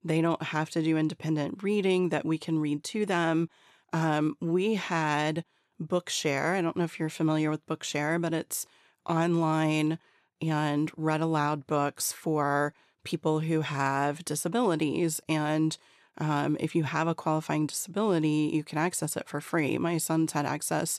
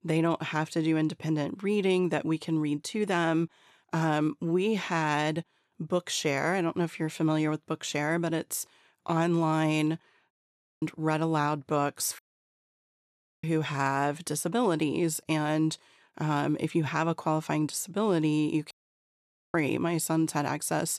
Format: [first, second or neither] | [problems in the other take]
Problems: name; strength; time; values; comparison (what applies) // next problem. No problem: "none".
first | audio cutting out; at 10 s for 0.5 s, at 12 s for 1 s and at 19 s for 1 s